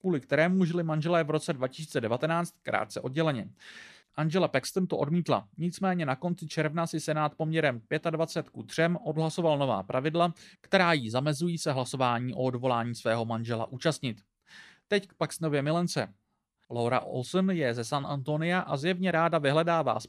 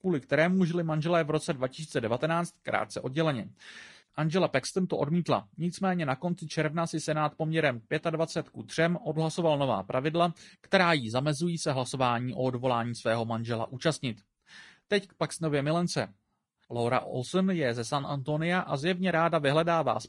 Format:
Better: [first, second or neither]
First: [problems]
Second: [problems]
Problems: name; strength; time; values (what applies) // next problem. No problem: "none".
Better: first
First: none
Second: garbled, watery; slightly; nothing above 10 kHz